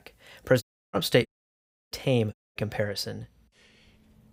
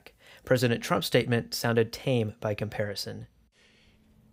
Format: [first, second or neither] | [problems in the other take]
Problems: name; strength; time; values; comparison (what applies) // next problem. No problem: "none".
second | audio cutting out; at 0.5 s, at 1.5 s for 0.5 s and at 2.5 s